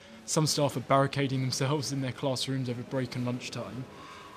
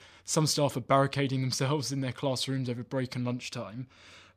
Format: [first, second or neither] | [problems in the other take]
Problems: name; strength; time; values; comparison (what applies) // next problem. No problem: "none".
second | crowd noise; noticeable; throughout; 20 dB below the speech